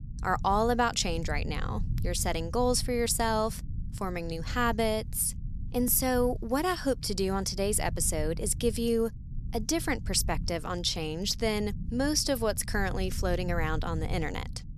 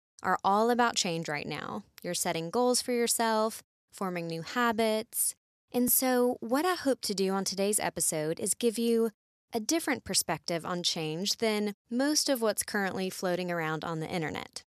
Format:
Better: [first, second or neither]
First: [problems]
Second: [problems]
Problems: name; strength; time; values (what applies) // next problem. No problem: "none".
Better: second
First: low rumble; faint; throughout; 20 dB below the speech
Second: none